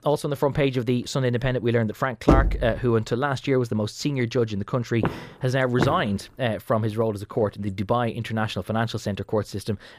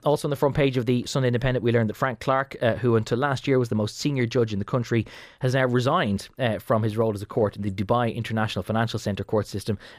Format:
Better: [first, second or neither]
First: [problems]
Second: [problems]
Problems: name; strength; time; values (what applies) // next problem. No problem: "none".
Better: second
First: door banging; loud; at 2.5 s; peak 4 dB above the speech // footsteps; noticeable; at 5 s; peak 3 dB below the speech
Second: none